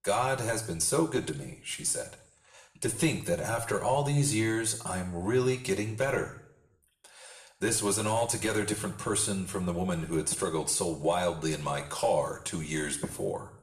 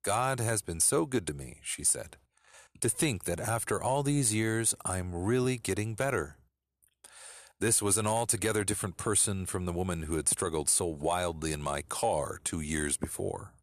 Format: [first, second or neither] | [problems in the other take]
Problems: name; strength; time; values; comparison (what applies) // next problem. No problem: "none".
second | room echo; slight; dies away in 0.5 s // off-mic speech; somewhat distant